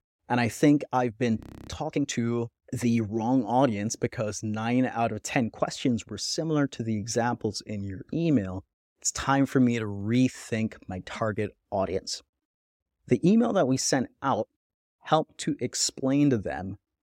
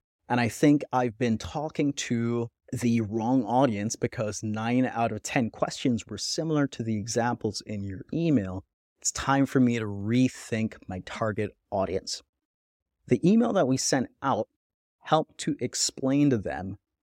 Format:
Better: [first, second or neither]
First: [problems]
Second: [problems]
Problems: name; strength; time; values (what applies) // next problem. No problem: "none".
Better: second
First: audio freezing; at 1.5 s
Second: none